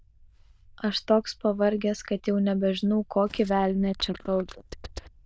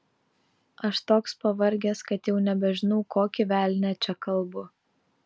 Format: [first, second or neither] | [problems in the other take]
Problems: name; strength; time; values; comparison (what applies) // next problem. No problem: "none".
second | noise reduction (neural diffusion model UNIVERSE++)